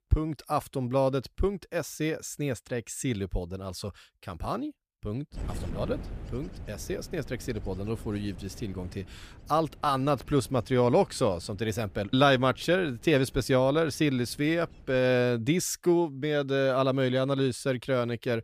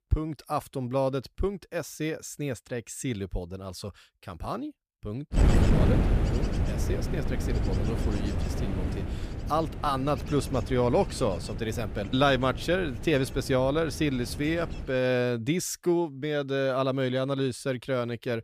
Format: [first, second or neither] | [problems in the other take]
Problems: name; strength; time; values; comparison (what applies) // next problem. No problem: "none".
first | wind noise on the microphone; heavy; from 5.5 to 15 s; 9 dB below the speech; occasional gusts in the first